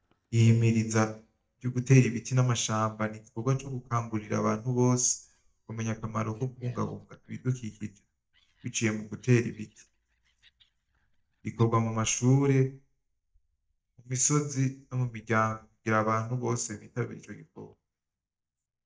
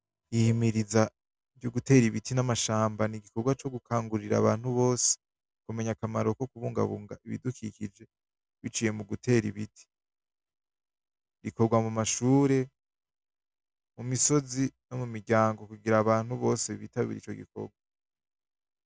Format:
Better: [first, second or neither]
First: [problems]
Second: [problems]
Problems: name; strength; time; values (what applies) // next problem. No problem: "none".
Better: second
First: noise reduction (neural mask model DeepFilterNet 3)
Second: none